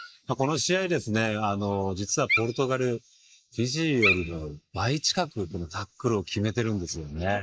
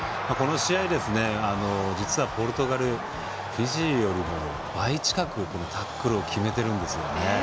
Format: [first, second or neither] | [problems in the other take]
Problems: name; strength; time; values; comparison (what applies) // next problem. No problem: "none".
second | noise reduction (neural mask model Resemble Enhance denoiser)